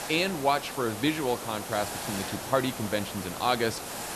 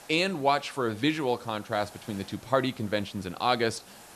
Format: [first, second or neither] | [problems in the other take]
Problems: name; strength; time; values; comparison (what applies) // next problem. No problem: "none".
second | hiss; loud; throughout; 7 dB below the speech; faint in the second